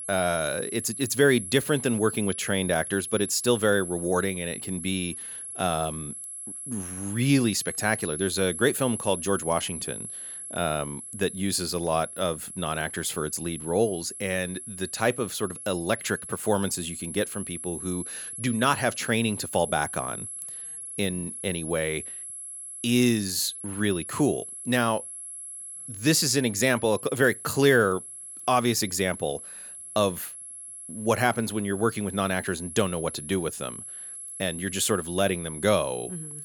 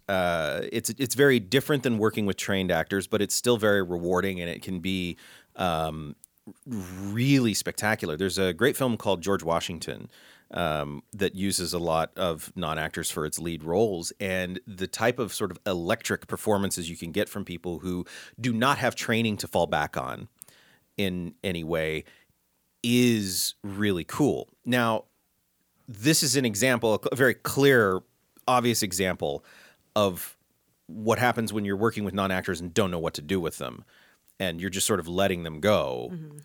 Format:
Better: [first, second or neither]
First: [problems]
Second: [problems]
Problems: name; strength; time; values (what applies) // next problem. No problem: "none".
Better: second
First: high-pitched whine; loud; throughout; 11 kHz, 9 dB below the speech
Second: none